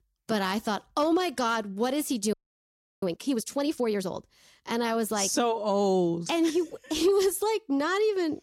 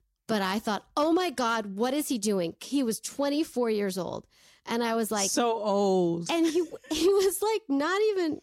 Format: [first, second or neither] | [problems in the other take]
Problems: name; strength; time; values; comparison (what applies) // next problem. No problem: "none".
second | audio freezing; at 2.5 s for 0.5 s